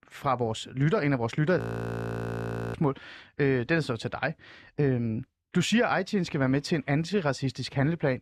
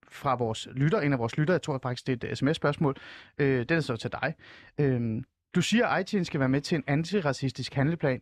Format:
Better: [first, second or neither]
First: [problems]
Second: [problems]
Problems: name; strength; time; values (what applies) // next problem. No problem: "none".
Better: second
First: audio freezing; at 1.5 s for 1 s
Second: none